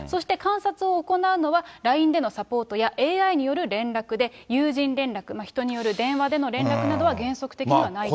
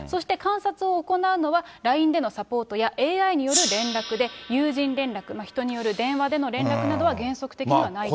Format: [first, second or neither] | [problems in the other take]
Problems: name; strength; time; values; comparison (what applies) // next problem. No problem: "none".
first | background sound (Gong); 12 dB below the speech